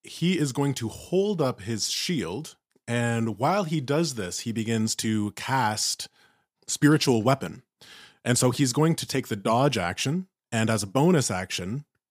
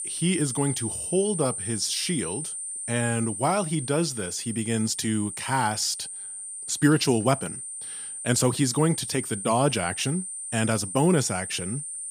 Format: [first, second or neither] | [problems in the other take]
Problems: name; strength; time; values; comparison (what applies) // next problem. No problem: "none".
first | high-pitched whine; loud; throughout; 9 kHz, 6 dB below the speech